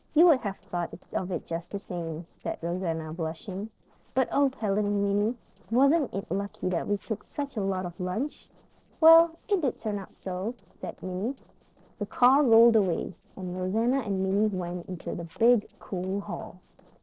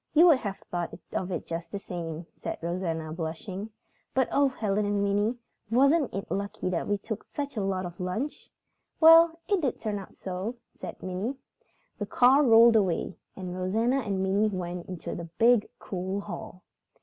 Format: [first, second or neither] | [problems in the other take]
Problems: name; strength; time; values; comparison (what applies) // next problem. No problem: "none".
second | noise reduction (neural separator model SepFormer DNS4)